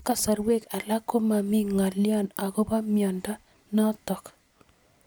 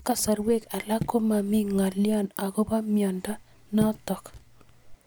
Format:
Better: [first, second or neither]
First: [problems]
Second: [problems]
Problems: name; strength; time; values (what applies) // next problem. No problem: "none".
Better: first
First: none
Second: background sound (Raindrop / Drip); 14 dB below the speech